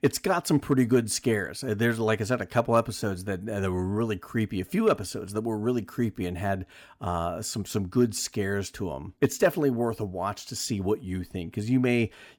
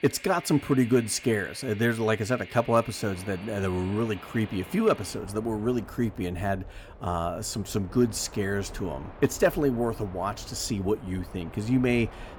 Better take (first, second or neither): first